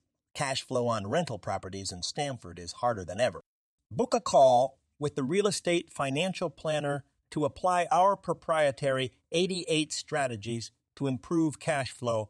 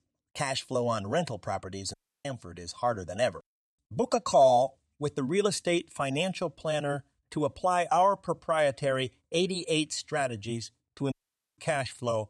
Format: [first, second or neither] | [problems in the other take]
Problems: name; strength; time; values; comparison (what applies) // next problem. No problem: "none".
first | audio cutting out; at 2 s and at 11 s